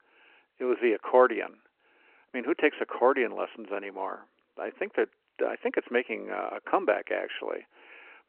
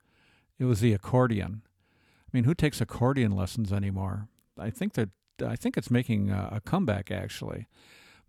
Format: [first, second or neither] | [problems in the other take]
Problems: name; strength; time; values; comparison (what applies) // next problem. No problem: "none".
second | phone-call audio